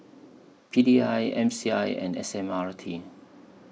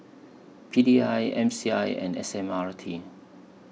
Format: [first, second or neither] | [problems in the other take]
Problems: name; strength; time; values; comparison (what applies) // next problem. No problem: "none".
second | noise reduction (neural mask model Resemble Enhance denoiser)